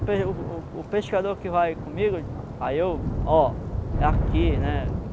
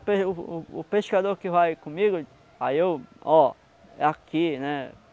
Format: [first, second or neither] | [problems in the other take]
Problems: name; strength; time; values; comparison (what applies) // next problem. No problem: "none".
second | background sound (Thunder / Rain); 1 dB below the speech